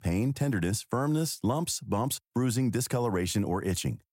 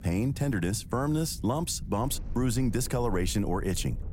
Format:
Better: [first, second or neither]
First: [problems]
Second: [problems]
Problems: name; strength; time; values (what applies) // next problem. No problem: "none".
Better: first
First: none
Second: rain or running water; noticeable; throughout; 10 dB below the speech